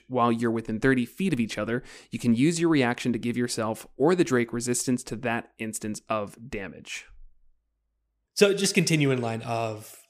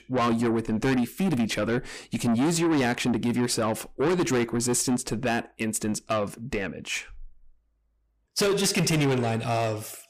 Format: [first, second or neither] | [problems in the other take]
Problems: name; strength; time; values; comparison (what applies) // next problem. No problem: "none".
first | distortion; heavy; 6 dB below the speech